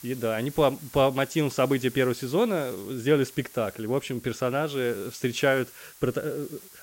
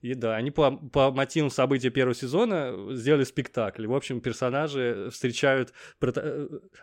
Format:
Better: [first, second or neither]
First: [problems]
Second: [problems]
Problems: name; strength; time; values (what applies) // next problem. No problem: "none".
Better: second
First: hiss; noticeable; throughout; 20 dB below the speech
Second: none